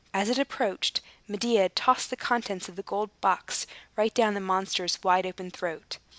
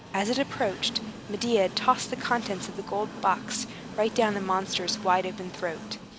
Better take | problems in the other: first | background sound (Train); 11 dB below the speech

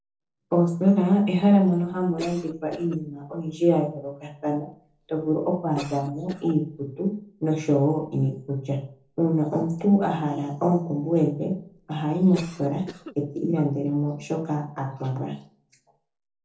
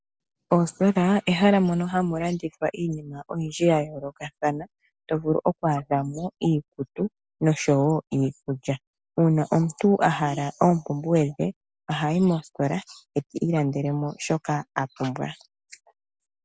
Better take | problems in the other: second | noise reduction (neural separator model SepFormer DNS4)

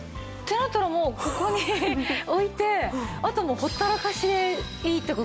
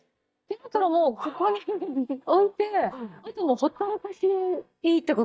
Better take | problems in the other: first | noise reduction (neural mask model DeepFilterNet 3)

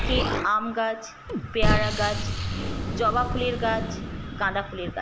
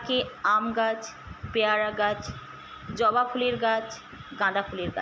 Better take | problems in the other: second | background sound (Explosion); as loud as the speech

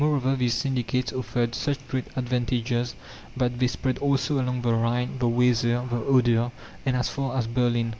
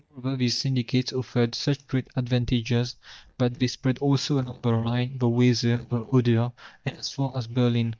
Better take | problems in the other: first | noise reduction (neural mask model DeepFilterNet 3)

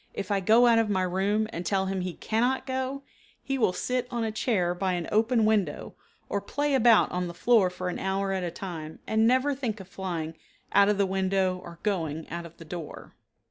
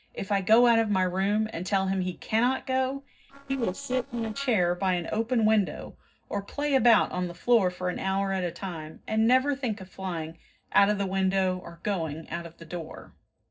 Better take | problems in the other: first | noise reduction (neural separator model SepFormer DNS4)

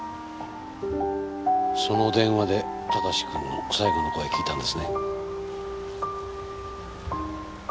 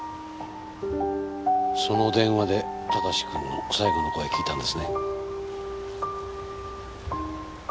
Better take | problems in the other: second | background sound (Wind instrument, woodwind instrument); 19 dB below the speech

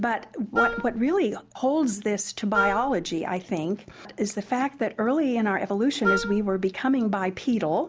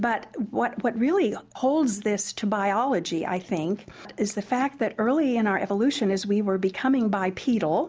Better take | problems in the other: second | background sound (Wind instrument, woodwind instrument); 3 dB below the speech

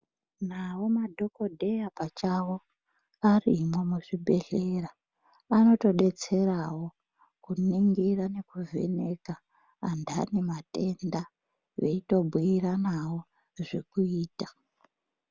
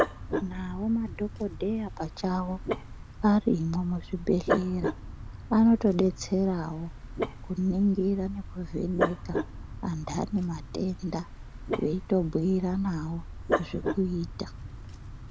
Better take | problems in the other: first | background sound (Dog); 6 dB below the speech

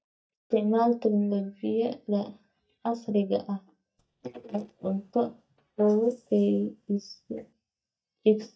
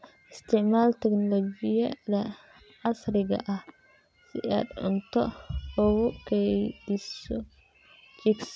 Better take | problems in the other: second | noise reduction (neural mask model DeepFilterNet 3)

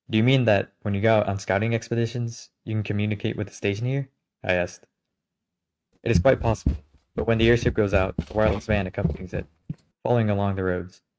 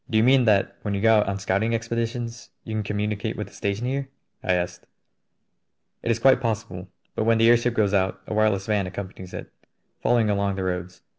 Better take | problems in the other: second | noise reduction (neural mask model RNNoise)

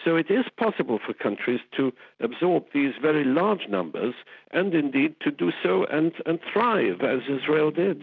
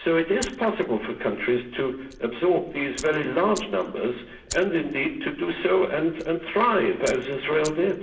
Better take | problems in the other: first | background sound (Fire); 19 dB below the speech // room echo; dies away in 0.7 s

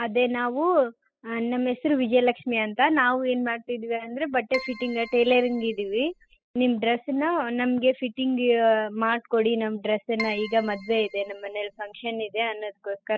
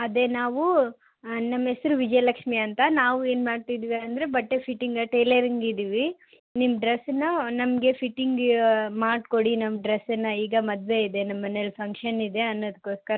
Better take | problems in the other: second | noise reduction (classical method spectral subtraction)

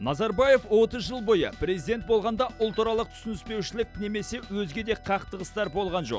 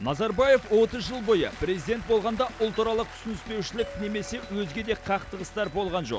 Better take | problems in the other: first | background sound (Doorbell + Applause / Cheering); 18 dB below the speech

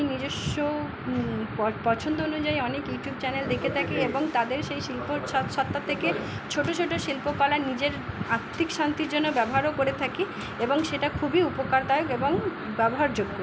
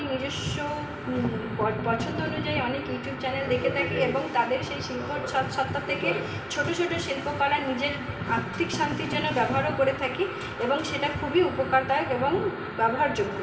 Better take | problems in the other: first | background sound (Strum); 7 dB below the speech // room echo; dies away in 2.9 s

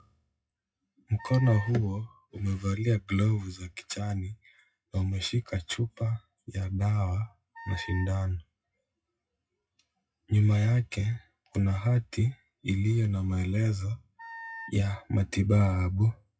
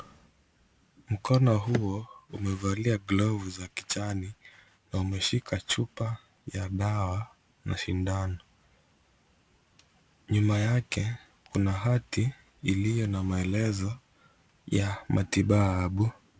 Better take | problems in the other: second | noise reduction (classical method WPE with log-MMSE)

